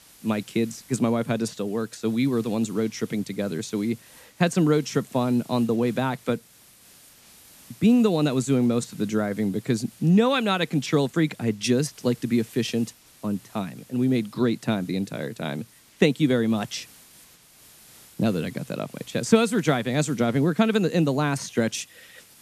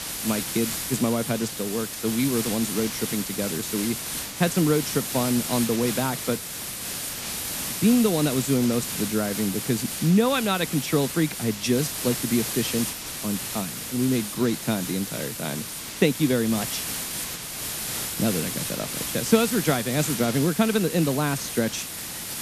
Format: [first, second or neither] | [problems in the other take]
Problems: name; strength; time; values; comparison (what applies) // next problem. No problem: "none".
first | hiss; loud; throughout; 4 dB below the speech; faint in the first